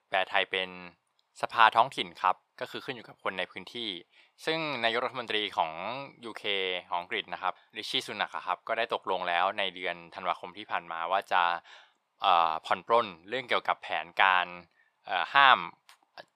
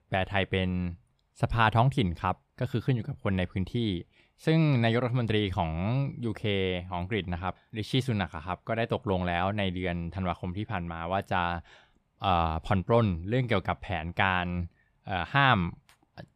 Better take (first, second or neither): second